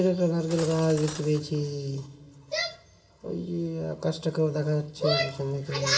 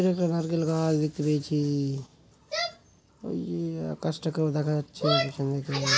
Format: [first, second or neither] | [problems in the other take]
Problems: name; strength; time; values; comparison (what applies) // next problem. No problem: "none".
second | background sound (Cutlery, silverware); 15 dB below the speech // room echo; dies away in 1.4 s